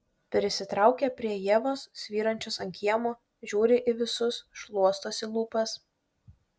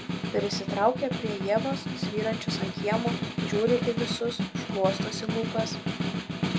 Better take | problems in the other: first | background sound (Snare drum); 1 dB below the speech

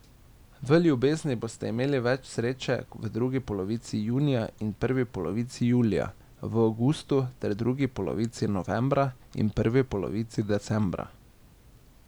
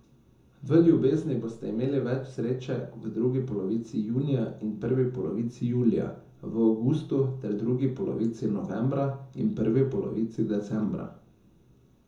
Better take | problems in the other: first | room echo; dies away in 0.5 s

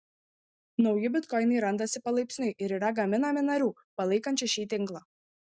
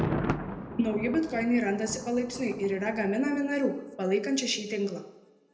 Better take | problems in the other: first | background sound (Thunder); 8 dB below the speech // room echo; dies away in 0.7 s

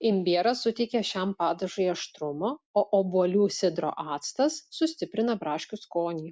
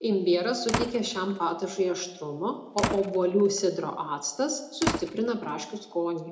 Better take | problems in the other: first | background sound (Slam); 9 dB below the speech // room echo; dies away in 0.6 s

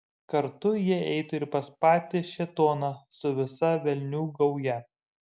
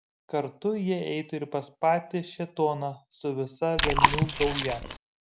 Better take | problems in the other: first | background sound (Chewing, mastication); 4 dB above the speech

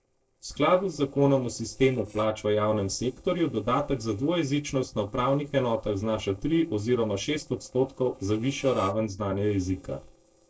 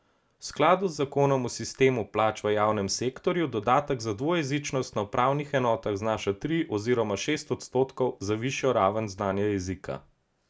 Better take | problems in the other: second | noise reduction (neural separator model SepFormer DNS4)

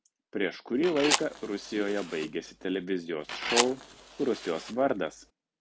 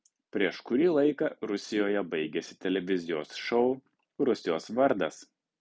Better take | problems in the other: second | background sound (Fire); 4 dB below the speech

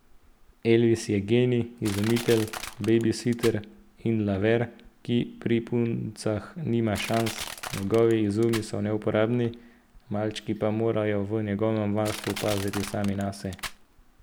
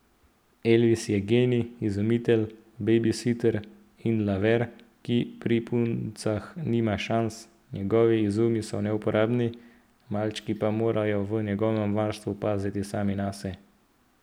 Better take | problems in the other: second | background sound (Crushing); 16 dB below the speech

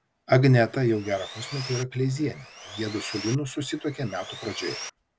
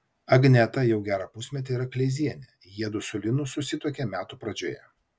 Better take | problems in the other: second | background sound (Sawing); 14 dB below the speech

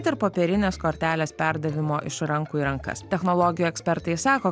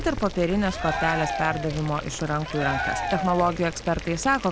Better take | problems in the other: first | background sound (Cheering + Boiling); 6 dB below the speech

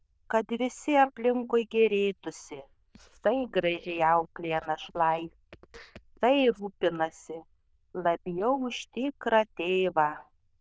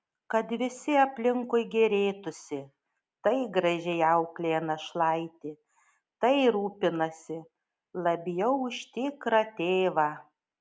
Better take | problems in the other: second | noise reduction (neural diffusion model UNIVERSE++)

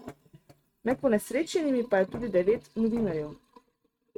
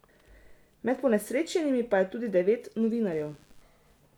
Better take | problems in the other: second | noise reduction (neural mask model RNNoise)

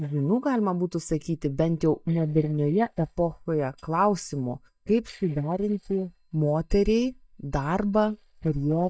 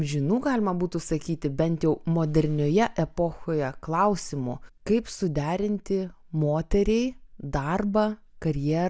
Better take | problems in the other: second | noise reduction (neural mask model DeepFilterNet 3)

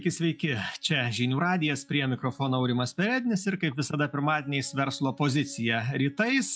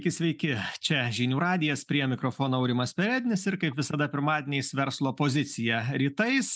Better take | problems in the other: second | noise reduction (classical method log-MMSE)

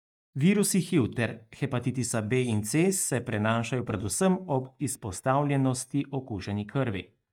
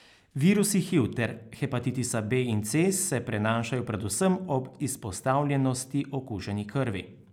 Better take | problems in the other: second | noise reduction (neural mask model DeepFilterNet 3)

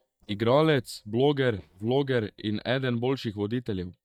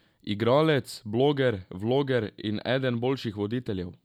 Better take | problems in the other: second | noise reduction (neural mask model DeepFilterNet 3)

